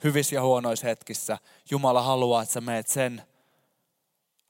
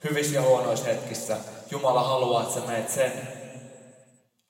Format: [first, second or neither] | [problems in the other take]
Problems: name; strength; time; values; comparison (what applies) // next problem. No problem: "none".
first | room echo; noticeable; dies away in 2.1 s // off-mic speech; somewhat distant